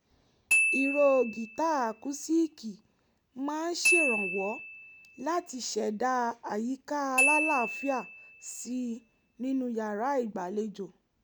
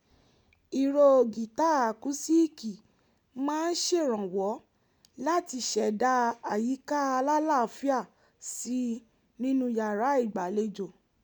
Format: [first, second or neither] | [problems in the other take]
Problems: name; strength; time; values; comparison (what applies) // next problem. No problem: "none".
second | background sound (Glockenspiel); 2 dB below the speech